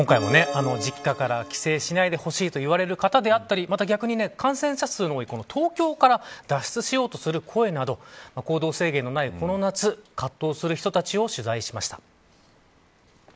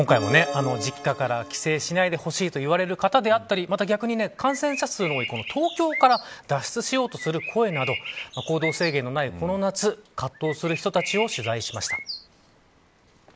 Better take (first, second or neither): first